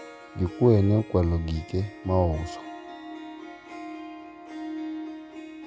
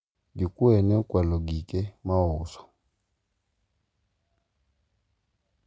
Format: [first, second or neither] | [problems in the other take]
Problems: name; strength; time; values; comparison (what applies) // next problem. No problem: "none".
second | background sound (Harp); 12 dB below the speech